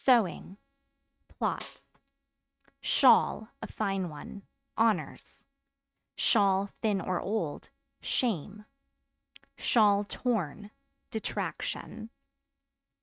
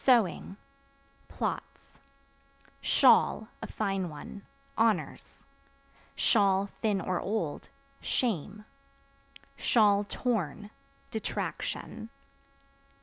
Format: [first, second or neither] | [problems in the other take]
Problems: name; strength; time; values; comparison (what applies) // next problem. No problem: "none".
second | noise reduction (neural mask model RNNoise)